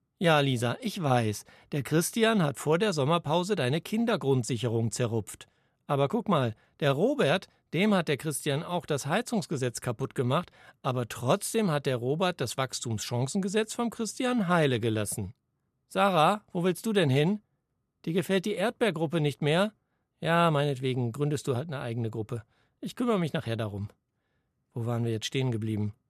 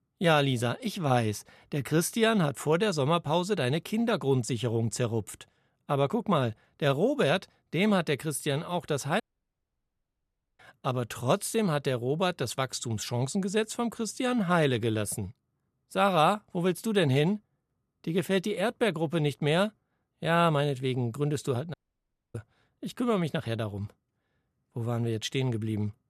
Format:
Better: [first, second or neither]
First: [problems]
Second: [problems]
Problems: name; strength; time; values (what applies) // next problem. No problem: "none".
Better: first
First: none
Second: audio cutting out; at 9 s for 1.5 s and at 22 s for 0.5 s